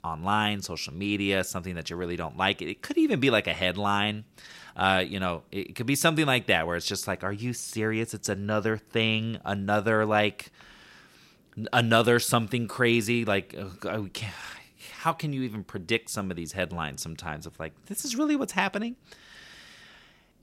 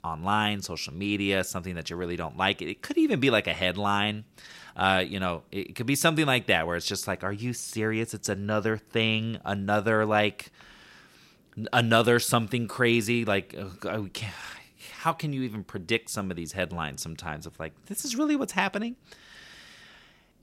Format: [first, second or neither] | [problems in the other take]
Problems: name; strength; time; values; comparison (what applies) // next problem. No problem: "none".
neither | none